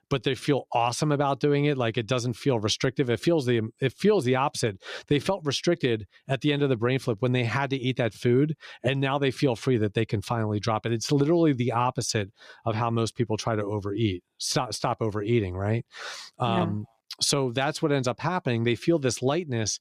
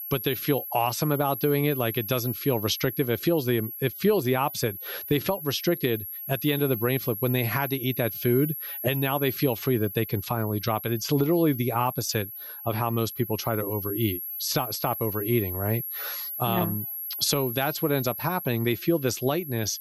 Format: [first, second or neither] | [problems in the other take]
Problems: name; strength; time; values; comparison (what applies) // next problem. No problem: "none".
first | high-pitched whine; loud; throughout; 11.5 kHz, 7 dB below the speech